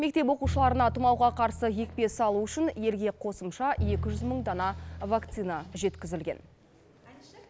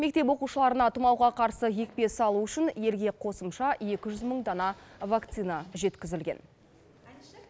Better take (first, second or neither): second